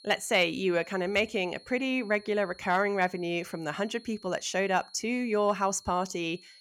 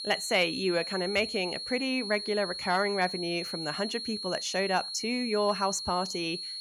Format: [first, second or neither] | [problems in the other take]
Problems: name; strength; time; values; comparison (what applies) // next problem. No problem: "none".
first | high-pitched whine; loud; throughout; 4.5 kHz, 5 dB below the speech; faint in the first